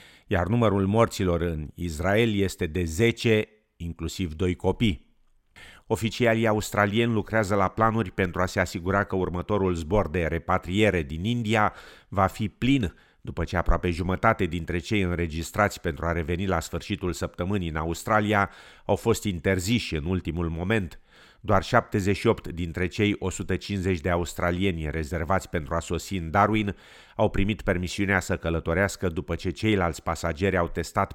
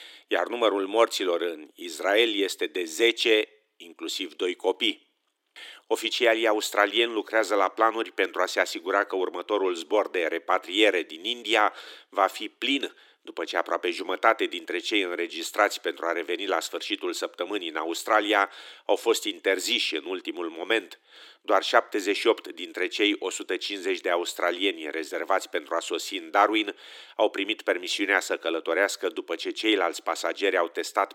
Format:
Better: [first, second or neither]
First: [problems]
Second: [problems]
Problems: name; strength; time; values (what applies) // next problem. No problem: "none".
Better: first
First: none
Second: thin; very; fading below 300 Hz